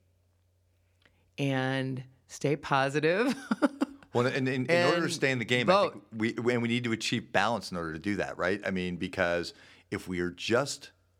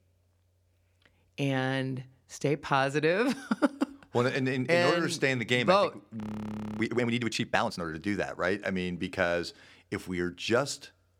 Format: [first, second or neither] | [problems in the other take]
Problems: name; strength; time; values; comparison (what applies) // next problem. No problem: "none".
first | audio freezing; at 6 s for 0.5 s